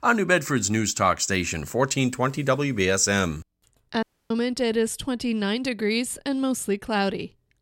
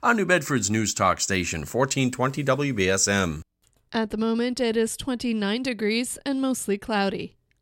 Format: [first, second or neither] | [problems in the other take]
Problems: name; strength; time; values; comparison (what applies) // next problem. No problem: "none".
second | audio cutting out; at 4 s